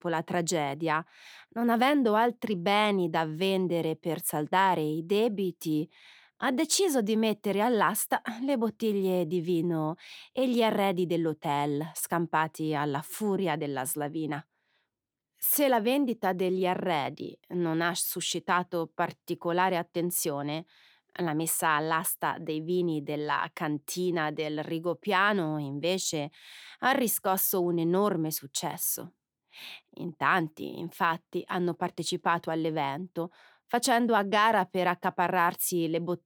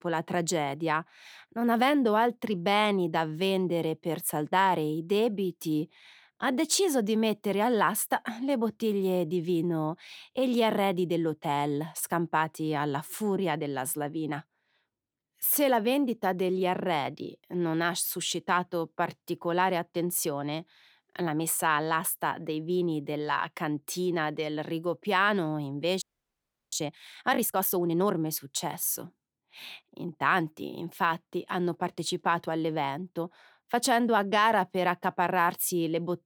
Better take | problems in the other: first | audio freezing; at 26 s for 0.5 s

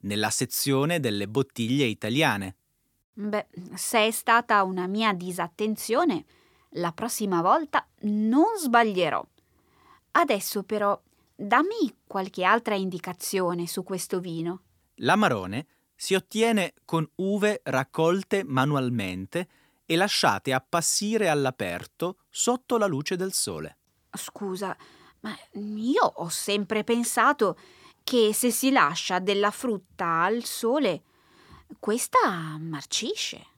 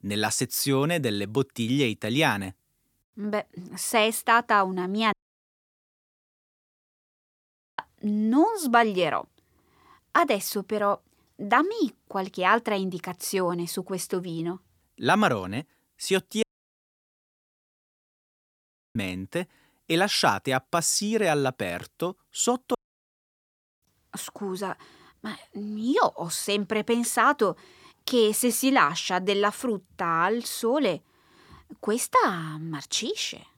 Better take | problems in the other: first | audio cutting out; at 5 s for 2.5 s, at 16 s for 2.5 s and at 23 s for 1 s

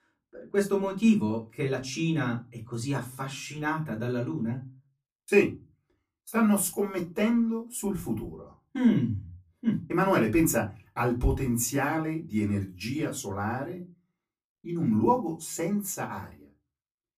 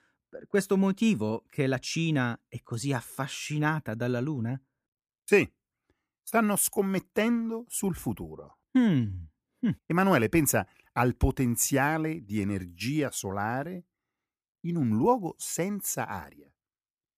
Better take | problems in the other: second | off-mic speech; far // room echo; very slight; dies away in 0.2 s

